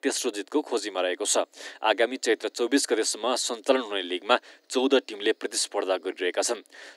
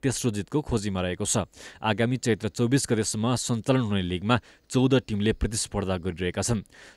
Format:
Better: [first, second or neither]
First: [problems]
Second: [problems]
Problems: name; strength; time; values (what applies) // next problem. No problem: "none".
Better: second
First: thin; somewhat; fading below 300 Hz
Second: none